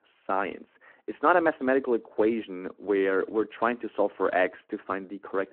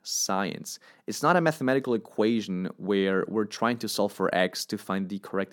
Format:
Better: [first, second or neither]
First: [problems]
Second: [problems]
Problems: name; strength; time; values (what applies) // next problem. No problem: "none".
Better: second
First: phone-call audio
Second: none